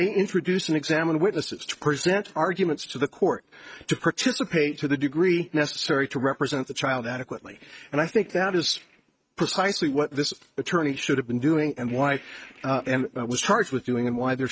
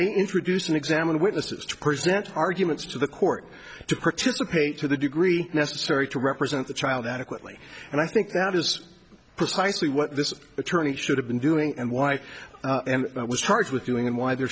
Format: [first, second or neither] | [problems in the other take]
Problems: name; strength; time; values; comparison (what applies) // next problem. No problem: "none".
second | noise reduction (neural mask model RNNoise)